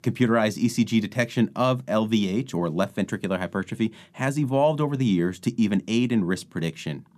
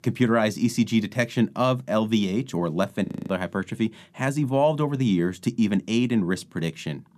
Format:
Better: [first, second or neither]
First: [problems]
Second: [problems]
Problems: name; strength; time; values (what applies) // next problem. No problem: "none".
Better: first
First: none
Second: audio freezing; at 3 s